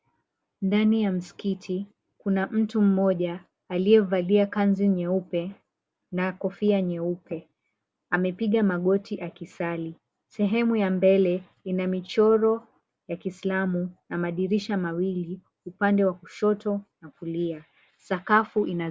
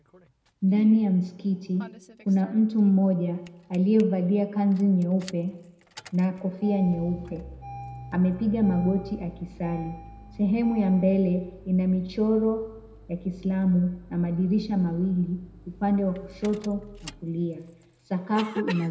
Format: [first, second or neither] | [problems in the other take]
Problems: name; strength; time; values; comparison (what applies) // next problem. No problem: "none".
first | background sound (Engine starting); 18 dB below the speech // room echo; dies away in 0.7 s